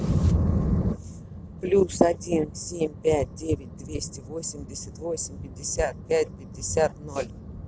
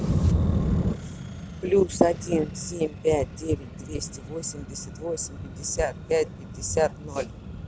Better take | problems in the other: first | background sound (Accelerating, revving, vroom); 16 dB below the speech

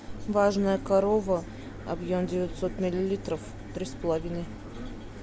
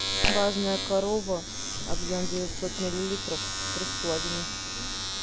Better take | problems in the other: first | background sound (Domestic sounds, home sounds); as loud as the speech

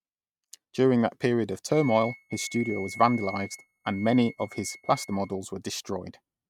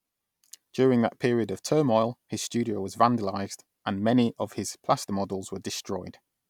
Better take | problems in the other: second | noise reduction (neural mask model RNNoise)

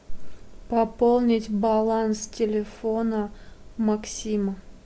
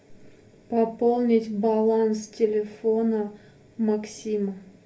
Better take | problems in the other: first | room echo; dies away in 0.3 s

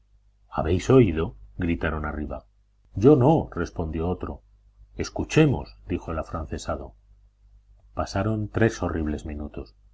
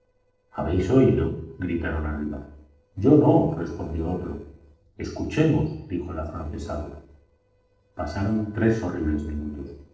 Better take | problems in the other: first | noise reduction (neural separator model SepFormer DNS4)

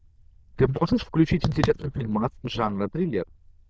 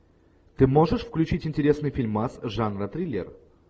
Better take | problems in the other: second | noise reduction (neural diffusion model UNIVERSE++)

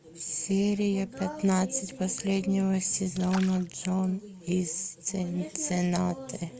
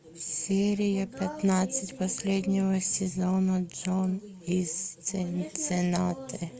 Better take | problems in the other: second | background sound (Splash, splatter); 18 dB below the speech

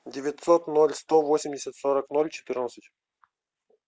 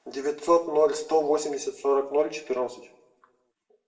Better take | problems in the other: first | room echo; dies away in 0.6 s

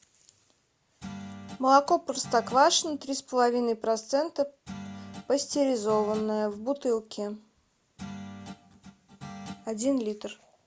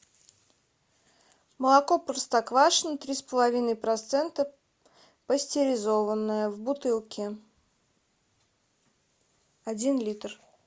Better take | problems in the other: second | background sound (Guitar); 15 dB below the speech

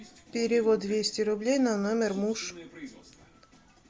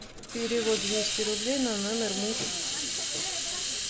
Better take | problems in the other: first | background sound (Hiss); 1 dB above the speech

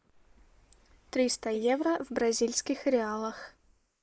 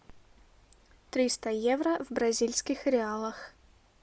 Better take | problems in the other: second | noise reduction (neural mask model Resemble Enhance denoiser)

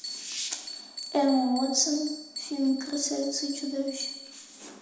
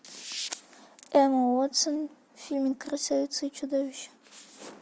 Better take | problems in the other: second | background sound (Bell); 12 dB below the speech // room echo; dies away in 0.9 s

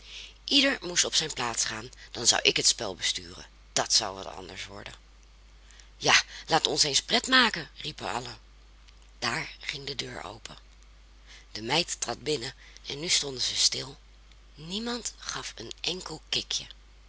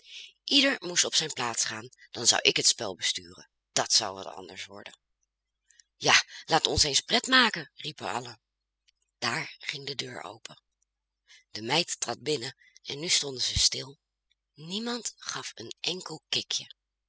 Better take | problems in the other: first | noise reduction (classical method spectral subtraction)

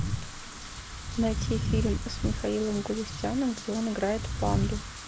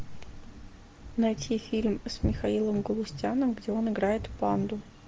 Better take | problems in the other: second | background sound (Wind / Rain); 2 dB below the speech

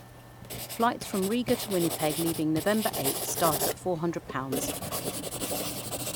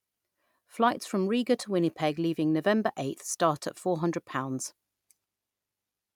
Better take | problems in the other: second | background sound (Writing); 3 dB below the speech

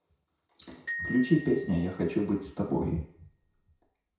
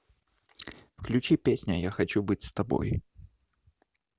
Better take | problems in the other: second | background sound (Glockenspiel); 12 dB below the speech // room echo; dies away in 0.6 s

